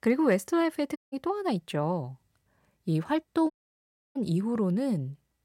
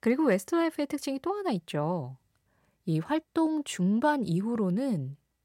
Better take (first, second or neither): second